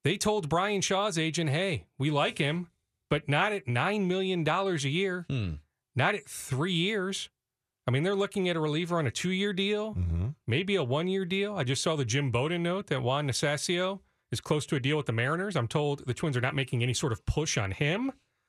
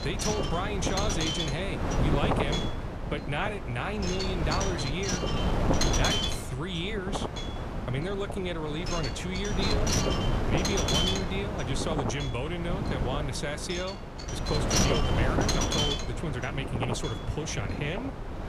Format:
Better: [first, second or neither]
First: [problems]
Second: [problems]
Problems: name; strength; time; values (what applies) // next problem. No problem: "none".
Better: first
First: none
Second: wind noise on the microphone; heavy; 3 dB above the speech